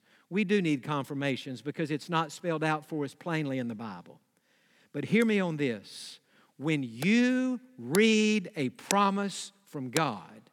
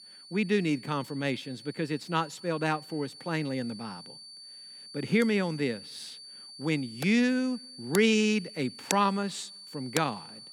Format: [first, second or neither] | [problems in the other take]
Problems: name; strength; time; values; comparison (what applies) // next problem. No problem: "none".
first | high-pitched whine; noticeable; throughout; 4.5 kHz, 15 dB below the speech